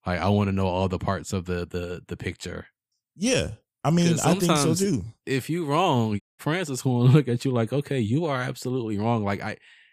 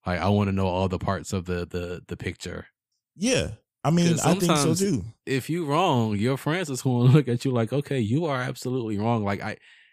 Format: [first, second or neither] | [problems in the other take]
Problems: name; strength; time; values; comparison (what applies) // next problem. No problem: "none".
second | audio cutting out; at 6 s